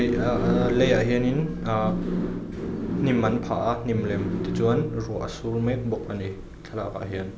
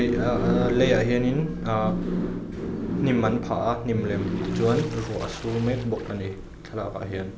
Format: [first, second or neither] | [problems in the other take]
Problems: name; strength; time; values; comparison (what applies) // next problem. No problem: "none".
first | background sound (Water / Splash, splatter); 19 dB below the speech